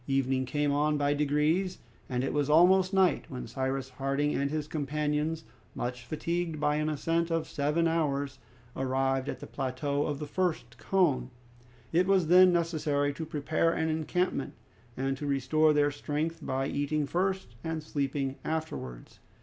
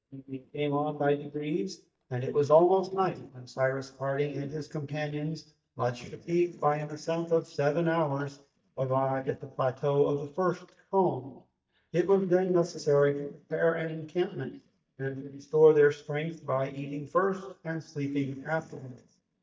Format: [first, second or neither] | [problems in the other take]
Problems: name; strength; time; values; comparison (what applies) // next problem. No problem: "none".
first | noise reduction (neural mask model DeepFilterNet 3)